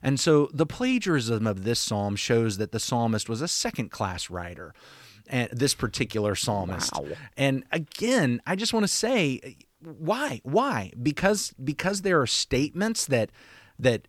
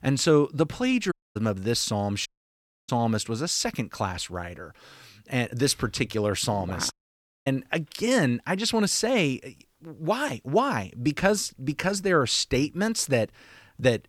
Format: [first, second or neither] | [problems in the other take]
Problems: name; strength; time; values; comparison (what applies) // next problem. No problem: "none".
first | audio cutting out; at 1 s, at 2.5 s for 0.5 s and at 7 s for 0.5 s